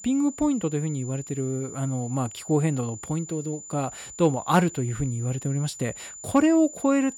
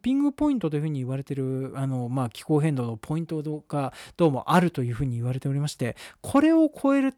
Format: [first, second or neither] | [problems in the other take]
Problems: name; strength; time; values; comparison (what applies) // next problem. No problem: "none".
second | high-pitched whine; noticeable; throughout; 7 kHz, 15 dB below the speech